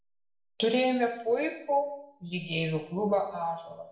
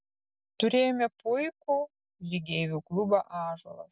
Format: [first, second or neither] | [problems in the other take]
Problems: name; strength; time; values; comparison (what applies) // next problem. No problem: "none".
second | room echo; dies away in 0.6 s